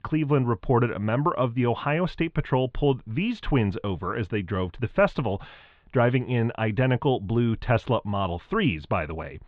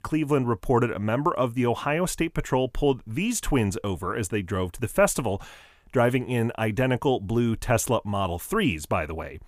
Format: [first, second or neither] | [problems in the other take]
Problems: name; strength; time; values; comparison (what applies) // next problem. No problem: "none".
second | muffled; very; fading above 4 kHz